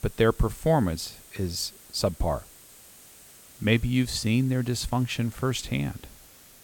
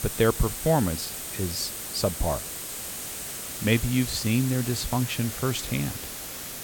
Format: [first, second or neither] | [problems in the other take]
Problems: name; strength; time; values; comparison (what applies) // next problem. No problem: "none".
first | hiss; loud; throughout; 6 dB below the speech; faint in the first